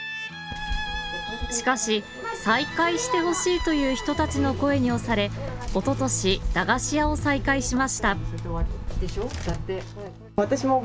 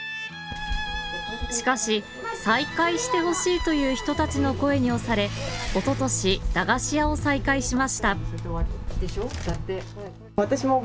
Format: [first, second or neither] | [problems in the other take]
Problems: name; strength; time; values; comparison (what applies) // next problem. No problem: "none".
first | background sound (Engine); 14 dB below the speech